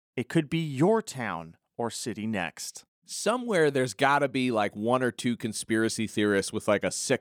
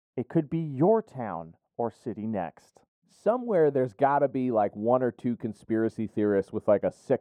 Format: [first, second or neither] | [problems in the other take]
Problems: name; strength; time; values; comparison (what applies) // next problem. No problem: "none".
first | muffled; very; fading above 2 kHz